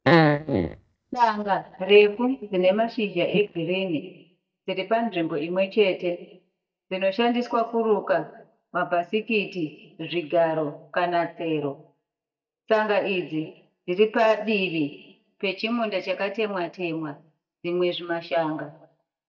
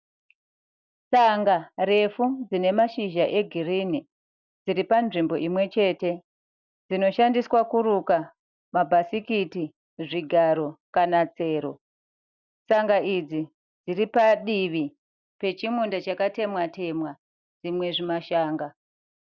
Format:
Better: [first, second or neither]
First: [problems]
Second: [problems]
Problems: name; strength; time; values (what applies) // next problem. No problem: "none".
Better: second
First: noise reduction (neural mask model DeepFilterNet 3)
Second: none